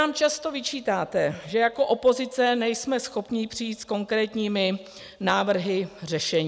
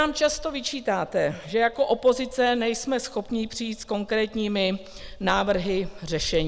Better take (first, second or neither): first